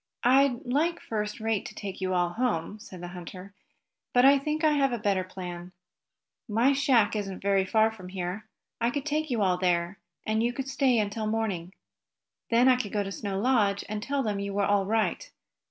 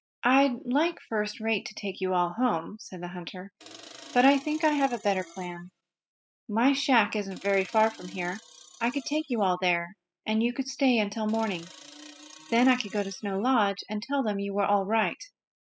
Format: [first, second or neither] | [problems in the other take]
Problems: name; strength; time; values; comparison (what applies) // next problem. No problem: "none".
first | noise reduction (classical method spectral subtraction)